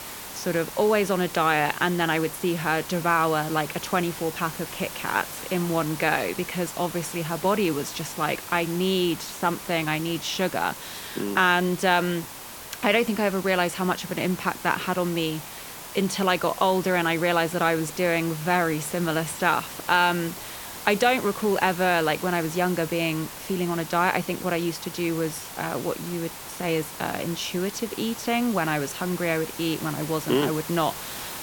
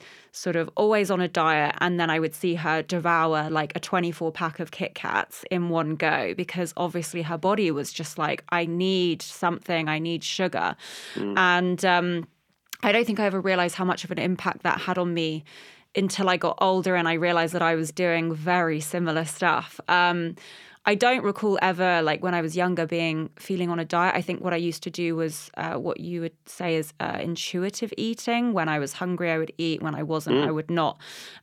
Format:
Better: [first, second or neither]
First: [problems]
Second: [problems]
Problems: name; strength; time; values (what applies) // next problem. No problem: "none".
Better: second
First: hiss; noticeable; throughout; 10 dB below the speech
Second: none